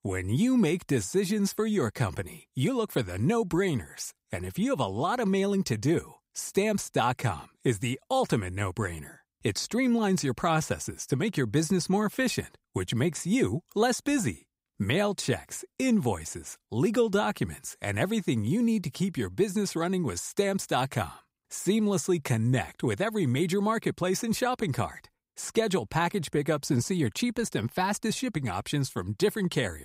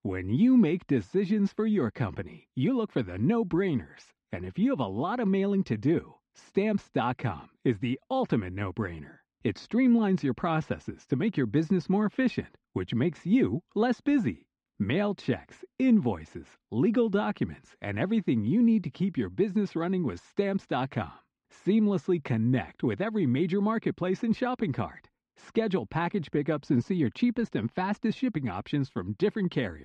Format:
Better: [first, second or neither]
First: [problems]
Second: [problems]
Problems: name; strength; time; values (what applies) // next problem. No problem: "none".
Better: first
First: none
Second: muffled; slightly; fading above 3.5 kHz